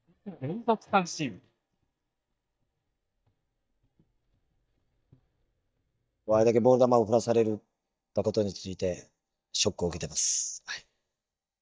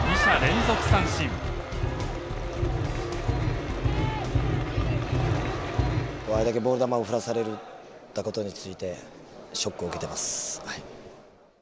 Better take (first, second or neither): second